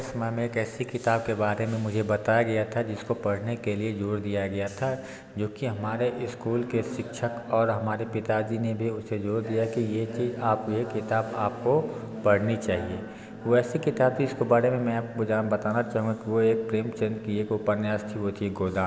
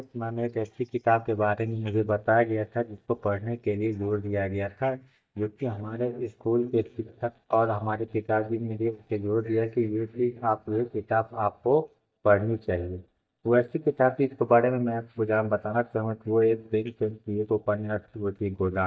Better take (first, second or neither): first